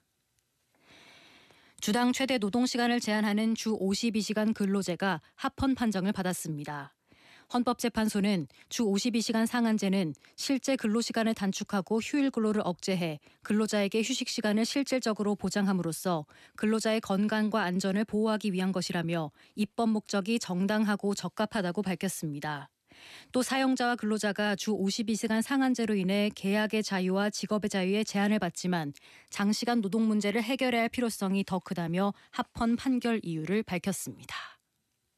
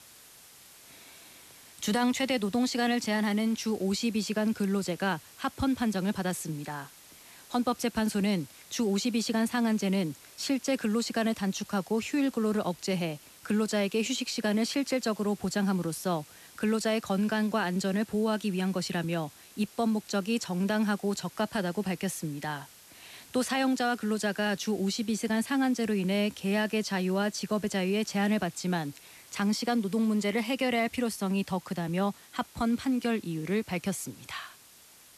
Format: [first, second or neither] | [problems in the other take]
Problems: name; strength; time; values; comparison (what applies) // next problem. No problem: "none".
first | hiss; faint; throughout; 20 dB below the speech